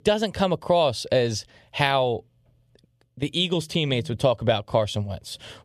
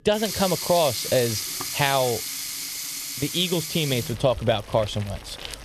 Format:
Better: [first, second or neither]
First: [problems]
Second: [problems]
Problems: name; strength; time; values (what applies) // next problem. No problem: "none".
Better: first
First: none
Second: household noises; loud; throughout; 5 dB below the speech